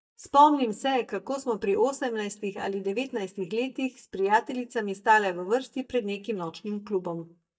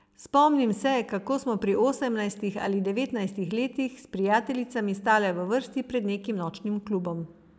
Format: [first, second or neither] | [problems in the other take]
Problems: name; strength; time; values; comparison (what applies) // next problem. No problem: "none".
second | noise reduction (neural mask model DeepFilterNet 3)